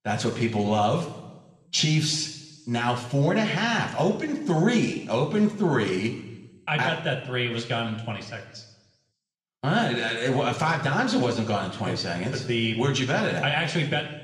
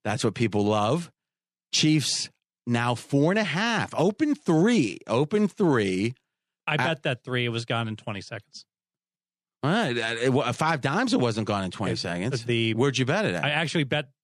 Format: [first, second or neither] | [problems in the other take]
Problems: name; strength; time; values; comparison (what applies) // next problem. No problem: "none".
second | room echo; slight; dies away in 1 s // off-mic speech; somewhat distant